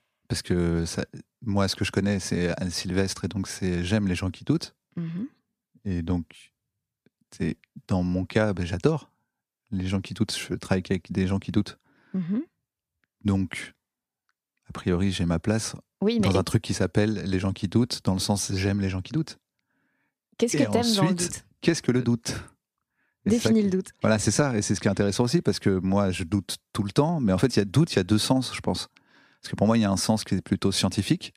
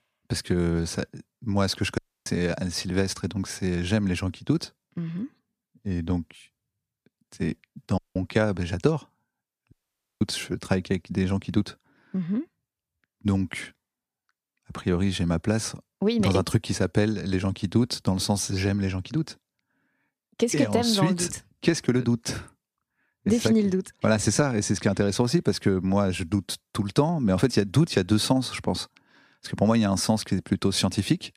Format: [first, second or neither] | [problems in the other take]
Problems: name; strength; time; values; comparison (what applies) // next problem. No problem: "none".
first | audio cutting out; at 2 s, at 8 s and at 9.5 s